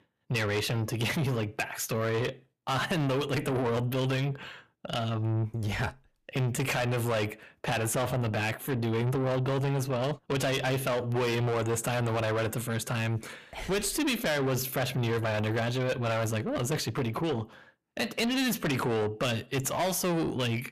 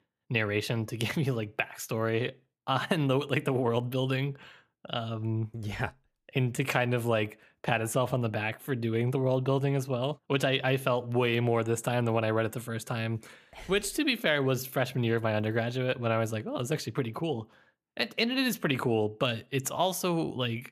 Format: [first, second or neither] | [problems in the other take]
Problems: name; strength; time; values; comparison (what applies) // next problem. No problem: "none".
second | distortion; heavy; 6 dB below the speech